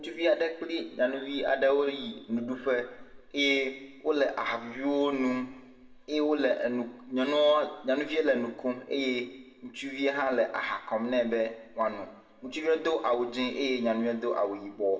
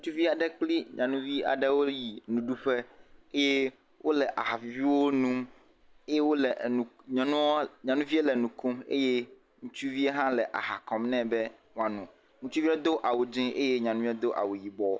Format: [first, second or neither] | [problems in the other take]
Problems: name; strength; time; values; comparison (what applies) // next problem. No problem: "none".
second | room echo; dies away in 0.8 s